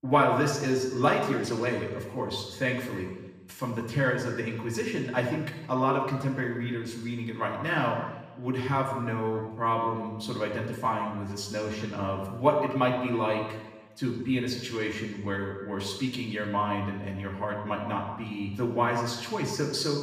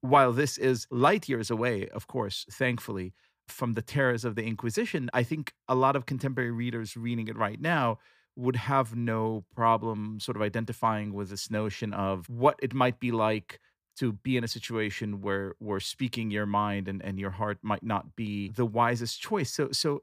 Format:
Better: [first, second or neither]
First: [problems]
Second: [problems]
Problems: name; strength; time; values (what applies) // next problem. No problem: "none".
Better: second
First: room echo; noticeable; dies away in 1 s // off-mic speech; far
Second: none